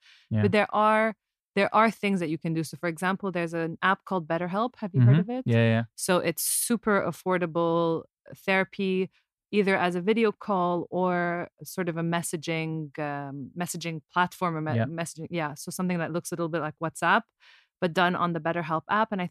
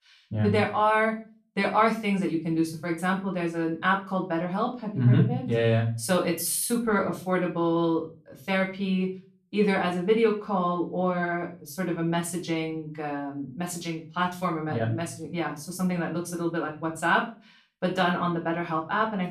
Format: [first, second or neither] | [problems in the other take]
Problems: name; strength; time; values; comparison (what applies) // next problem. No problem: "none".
first | room echo; slight; dies away in 0.3 s // off-mic speech; far